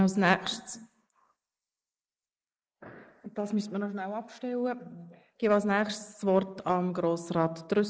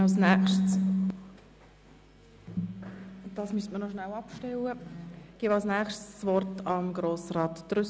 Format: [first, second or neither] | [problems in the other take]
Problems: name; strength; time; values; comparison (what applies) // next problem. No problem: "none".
second | noise reduction (neural mask model Resemble Enhance denoiser)